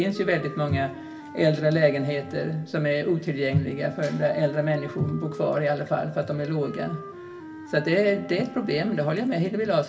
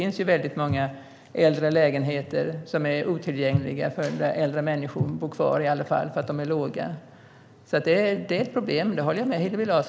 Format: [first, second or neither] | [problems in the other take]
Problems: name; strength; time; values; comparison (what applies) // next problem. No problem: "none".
second | background sound (Wind instrument, woodwind instrument); 16 dB below the speech // room echo; dies away in 0.1 s